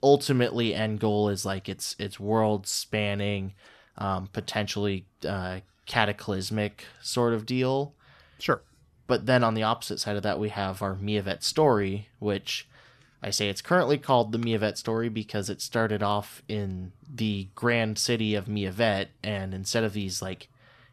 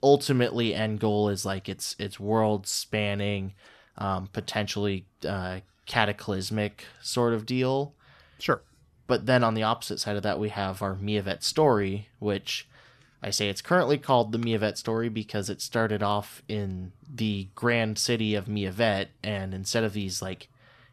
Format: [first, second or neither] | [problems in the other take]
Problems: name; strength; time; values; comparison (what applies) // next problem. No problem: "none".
neither | none